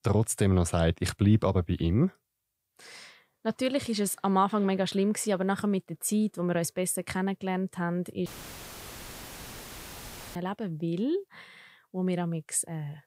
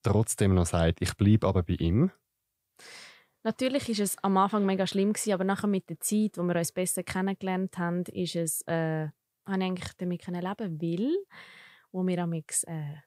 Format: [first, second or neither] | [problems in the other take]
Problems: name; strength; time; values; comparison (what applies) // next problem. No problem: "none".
second | audio cutting out; filled with static; at 8.5 s for 2 s